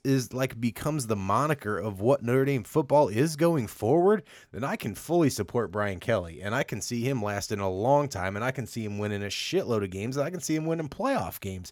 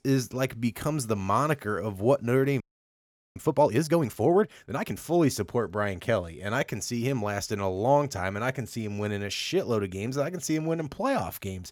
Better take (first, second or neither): first